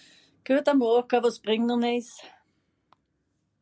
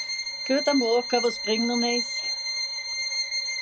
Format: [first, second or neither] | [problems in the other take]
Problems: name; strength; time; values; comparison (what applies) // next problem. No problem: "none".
first | background sound (Bowed string instrument); 2 dB below the speech